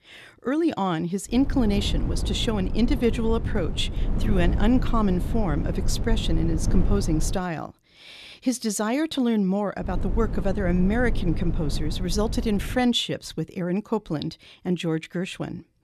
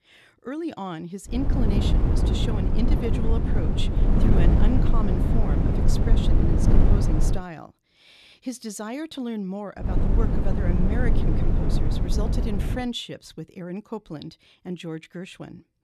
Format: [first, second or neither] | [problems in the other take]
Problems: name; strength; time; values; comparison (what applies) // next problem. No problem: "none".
first | wind noise on the microphone; heavy; from 1.5 to 7.5 s and from 10 to 13 s; 2 dB above the speech; occasional gusts in the first